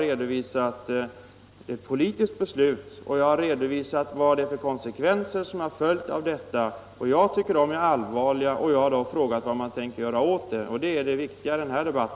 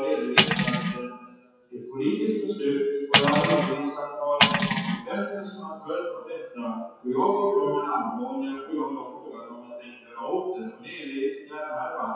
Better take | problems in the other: first | noise reduction (classical method WPE with log-MMSE)

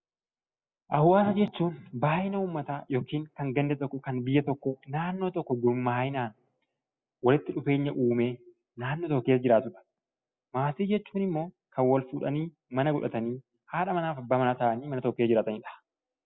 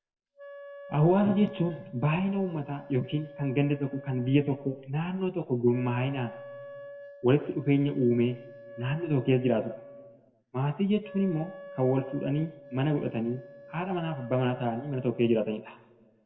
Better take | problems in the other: first | background sound (Wind instrument, woodwind instrument); 18 dB below the speech // room echo; dies away in 0.9 s

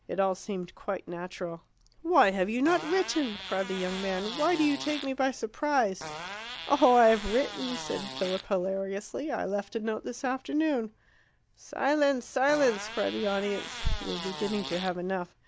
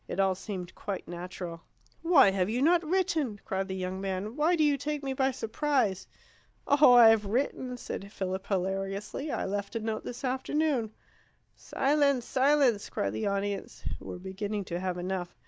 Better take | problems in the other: second | background sound (Fart); 11 dB below the speech

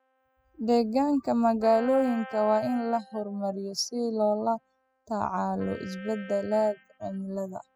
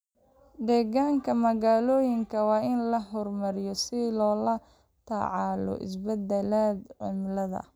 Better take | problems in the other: second | noise reduction (classical method spectral subtraction)

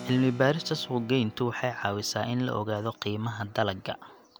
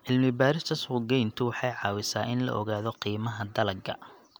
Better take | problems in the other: second | background sound (Keyboard (musical)); 20 dB below the speech

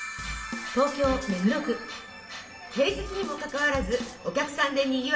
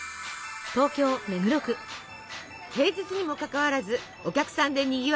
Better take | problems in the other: second | background sound (Drum kit); 12 dB below the speech // room echo; dies away in 0.7 s

